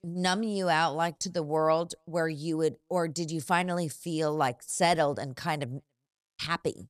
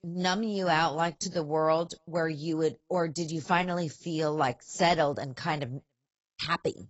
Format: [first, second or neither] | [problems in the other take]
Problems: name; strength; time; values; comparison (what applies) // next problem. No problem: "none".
first | garbled, watery; badly; nothing above 8 kHz